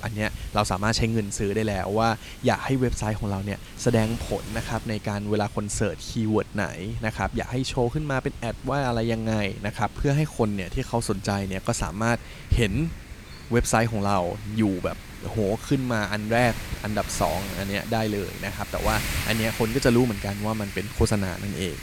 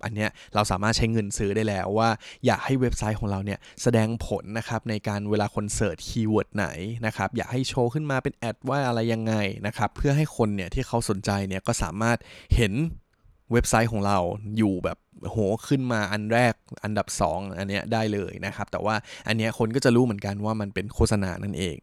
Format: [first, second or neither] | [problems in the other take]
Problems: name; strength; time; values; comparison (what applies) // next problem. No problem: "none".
second | wind noise on the microphone; occasional gusts; 10 dB below the speech